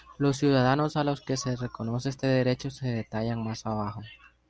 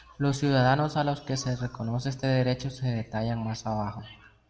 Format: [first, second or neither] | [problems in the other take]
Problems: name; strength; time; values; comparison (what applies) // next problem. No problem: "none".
first | room echo; dies away in 0.9 s